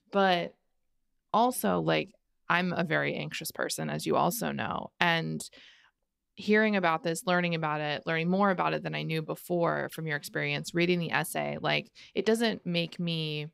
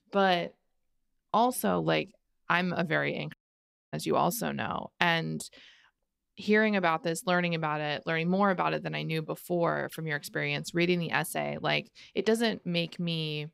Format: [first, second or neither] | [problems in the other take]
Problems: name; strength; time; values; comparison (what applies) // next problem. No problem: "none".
first | audio cutting out; at 3.5 s for 0.5 s